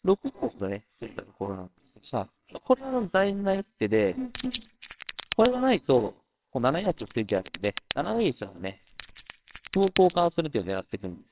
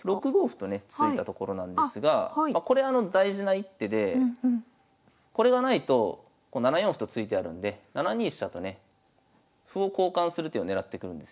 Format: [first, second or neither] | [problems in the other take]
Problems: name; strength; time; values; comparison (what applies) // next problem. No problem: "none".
second | noise reduction (neural separator model SepFormer WHAMR!)